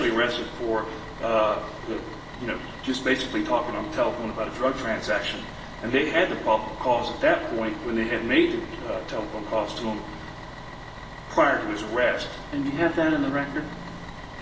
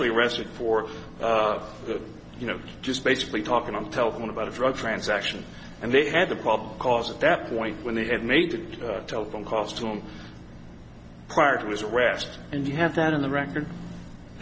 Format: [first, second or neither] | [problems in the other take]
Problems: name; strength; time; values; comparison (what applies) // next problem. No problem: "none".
second | background sound (Bus); 14 dB below the speech // room echo; dies away in 1 s